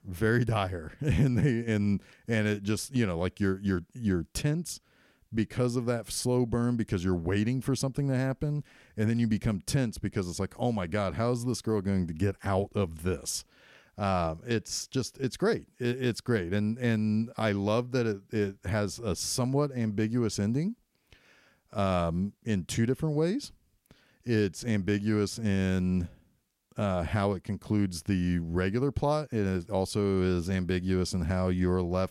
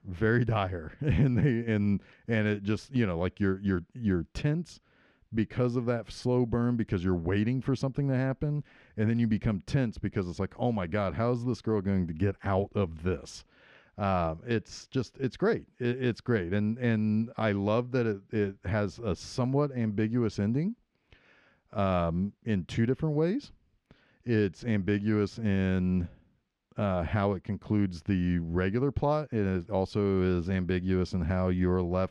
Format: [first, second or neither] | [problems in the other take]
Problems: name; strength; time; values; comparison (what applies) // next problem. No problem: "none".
first | muffled; slightly; fading above 3 kHz